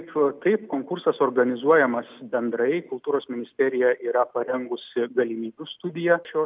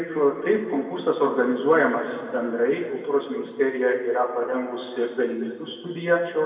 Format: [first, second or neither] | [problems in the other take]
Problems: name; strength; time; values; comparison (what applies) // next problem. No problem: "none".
first | room echo; dies away in 1.9 s